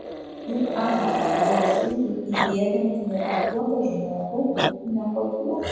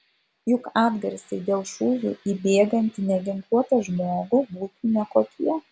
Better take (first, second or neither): second